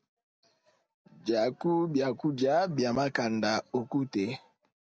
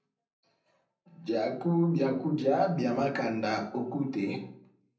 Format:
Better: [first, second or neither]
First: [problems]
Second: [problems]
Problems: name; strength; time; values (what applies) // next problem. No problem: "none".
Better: first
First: none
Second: room echo; dies away in 0.6 s